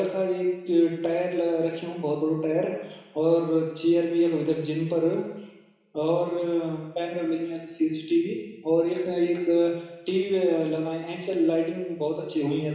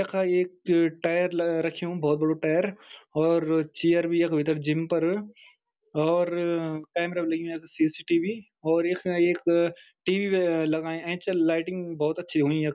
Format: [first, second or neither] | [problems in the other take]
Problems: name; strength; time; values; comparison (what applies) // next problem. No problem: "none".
second | room echo; dies away in 1 s